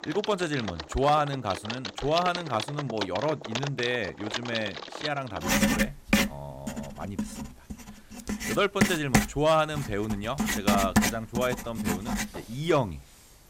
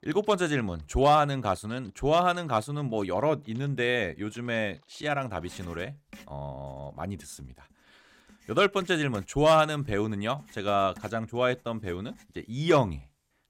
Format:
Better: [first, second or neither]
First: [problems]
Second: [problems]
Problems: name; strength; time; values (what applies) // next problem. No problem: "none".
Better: second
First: household noises; loud; throughout; 1 dB below the speech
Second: household noises; faint; throughout; 30 dB below the speech